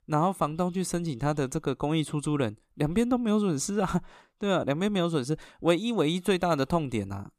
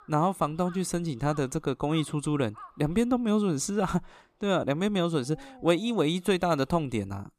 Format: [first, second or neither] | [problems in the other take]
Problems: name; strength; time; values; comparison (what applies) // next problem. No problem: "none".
first | animal sounds; faint; throughout; 25 dB below the speech